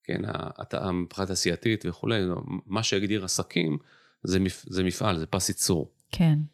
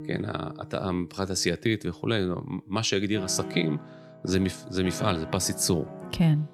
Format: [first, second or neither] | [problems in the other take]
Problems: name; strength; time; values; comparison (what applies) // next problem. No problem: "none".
first | background music; noticeable; throughout; 15 dB below the speech